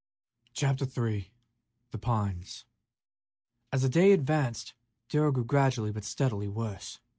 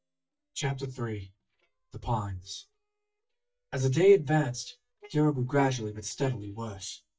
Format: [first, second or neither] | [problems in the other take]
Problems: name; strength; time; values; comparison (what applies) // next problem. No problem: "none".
first | noise reduction (neural mask model DeepFilterNet 3)